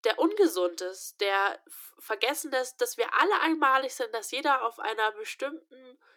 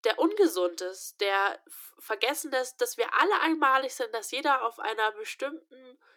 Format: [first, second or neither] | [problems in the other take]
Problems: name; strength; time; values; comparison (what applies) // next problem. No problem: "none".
neither | thin; very; fading below 300 Hz; the same in both